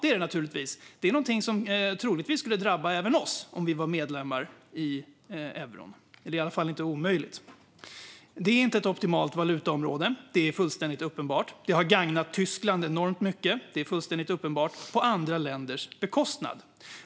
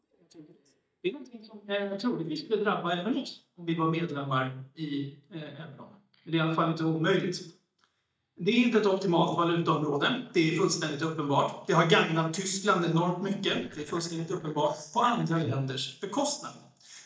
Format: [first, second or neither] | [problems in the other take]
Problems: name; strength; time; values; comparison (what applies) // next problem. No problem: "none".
first | noise reduction (neural mask model DeepFilterNet 3)